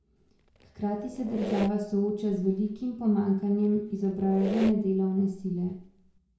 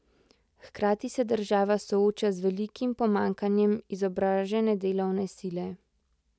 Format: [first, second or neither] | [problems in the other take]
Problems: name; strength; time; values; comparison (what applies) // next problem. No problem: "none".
second | background sound (Squeak); 13 dB below the speech // room echo; dies away in 0.6 s